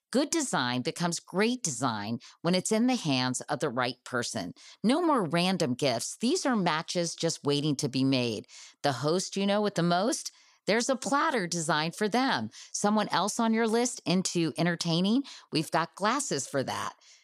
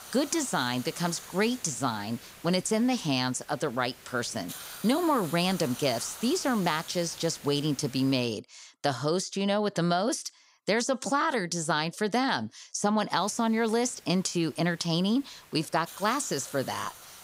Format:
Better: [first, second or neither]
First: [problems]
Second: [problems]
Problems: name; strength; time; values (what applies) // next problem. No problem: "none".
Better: first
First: none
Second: hiss; noticeable; until 8.5 s and from 13 s on; 15 dB below the speech